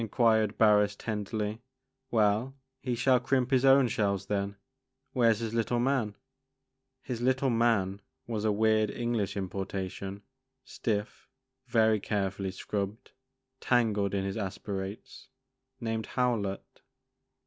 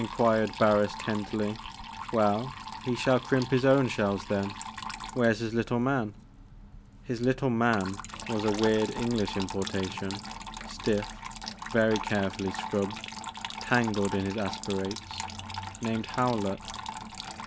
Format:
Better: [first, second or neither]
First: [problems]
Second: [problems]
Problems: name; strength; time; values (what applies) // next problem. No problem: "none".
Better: first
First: none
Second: background sound (Trickle, dribble / Water tap, faucet); 10 dB below the speech